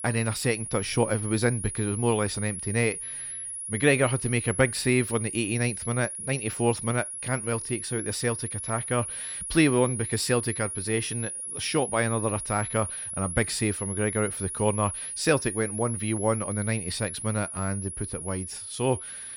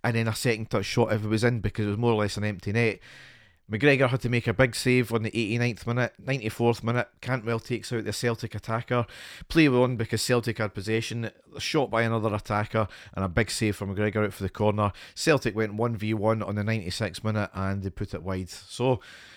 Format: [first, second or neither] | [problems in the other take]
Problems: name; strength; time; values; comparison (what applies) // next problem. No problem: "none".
second | high-pitched whine; loud; throughout; 10.5 kHz, 5 dB below the speech